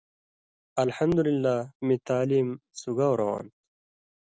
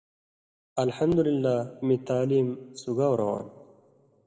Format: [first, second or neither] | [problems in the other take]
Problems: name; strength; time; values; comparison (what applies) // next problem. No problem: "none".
first | room echo; dies away in 0.9 s